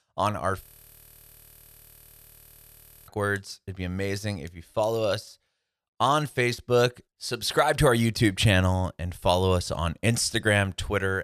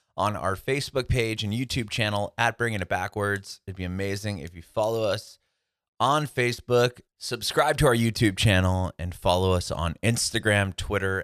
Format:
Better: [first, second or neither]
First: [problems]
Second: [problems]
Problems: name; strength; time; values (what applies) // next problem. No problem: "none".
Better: second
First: audio freezing; at 0.5 s for 2.5 s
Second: none